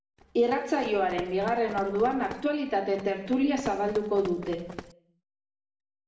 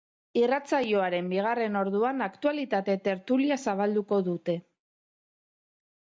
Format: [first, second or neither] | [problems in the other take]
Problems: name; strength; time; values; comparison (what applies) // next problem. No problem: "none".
second | background sound (Run); 15 dB below the speech // room echo; dies away in 0.8 s